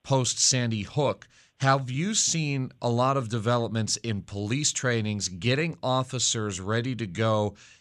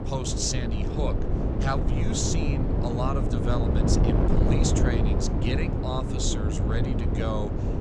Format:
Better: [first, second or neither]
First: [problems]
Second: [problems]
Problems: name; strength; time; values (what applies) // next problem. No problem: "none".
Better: first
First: none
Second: wind noise on the microphone; heavy; as loud as the speech